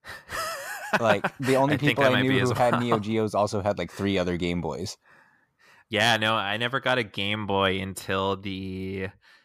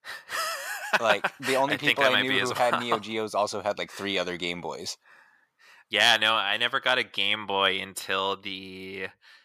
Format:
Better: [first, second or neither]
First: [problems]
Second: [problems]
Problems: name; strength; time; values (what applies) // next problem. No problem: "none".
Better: first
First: none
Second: thin; somewhat; fading below 750 Hz